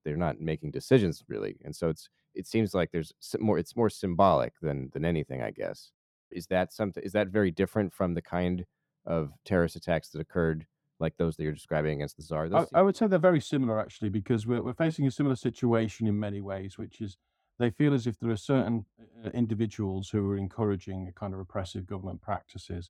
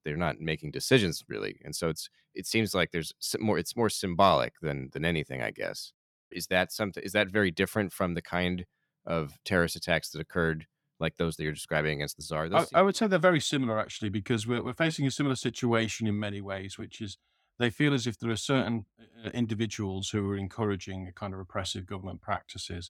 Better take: second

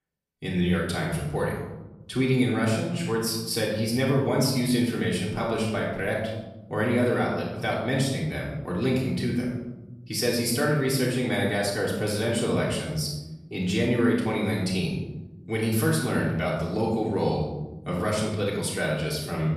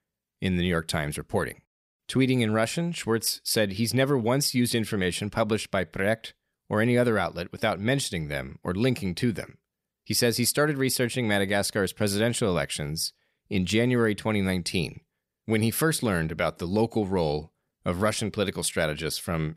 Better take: second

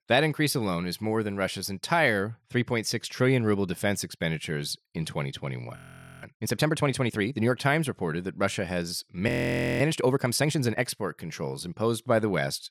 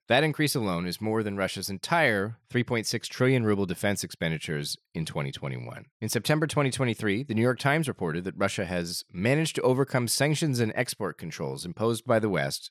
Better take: second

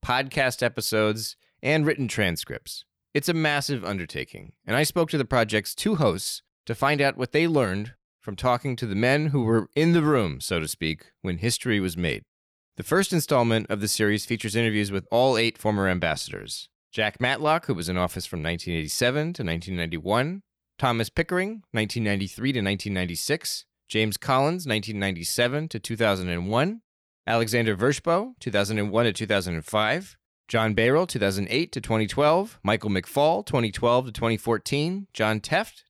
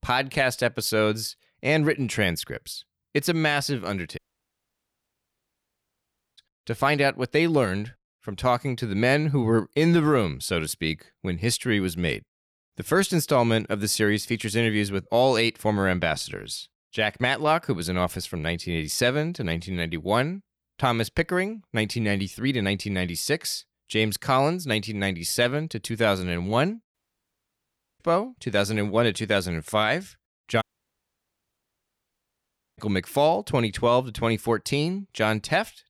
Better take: first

